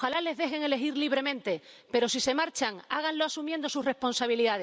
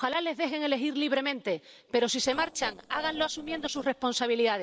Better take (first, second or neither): first